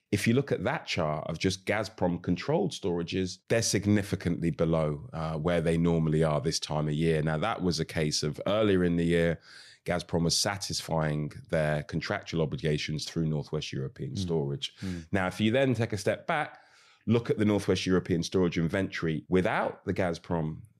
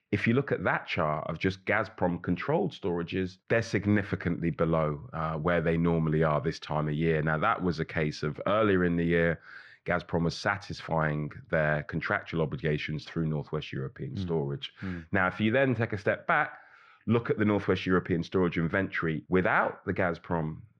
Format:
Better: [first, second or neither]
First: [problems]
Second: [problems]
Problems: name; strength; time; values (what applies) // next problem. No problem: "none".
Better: first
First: none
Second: muffled; very; fading above 2.5 kHz